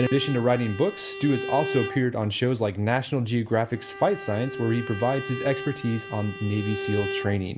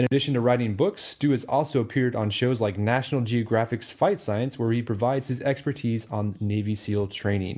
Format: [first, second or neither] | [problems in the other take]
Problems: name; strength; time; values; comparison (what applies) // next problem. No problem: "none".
second | background sound (Bowed string instrument); 10 dB below the speech